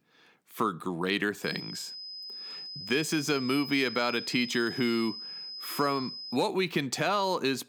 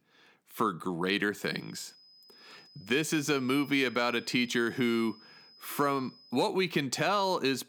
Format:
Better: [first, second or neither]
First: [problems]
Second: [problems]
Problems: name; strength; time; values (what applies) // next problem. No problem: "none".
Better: second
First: high-pitched whine; loud; from 1.5 to 6.5 s; 5 kHz, 9 dB below the speech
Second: high-pitched whine; faint; from 1.5 to 6.5 s; 5 kHz, 25 dB below the speech